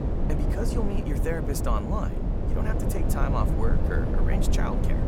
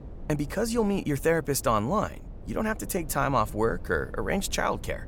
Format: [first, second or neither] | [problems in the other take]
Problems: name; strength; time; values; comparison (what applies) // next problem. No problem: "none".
second | wind noise on the microphone; heavy; 2 dB below the speech; occasional gusts in the second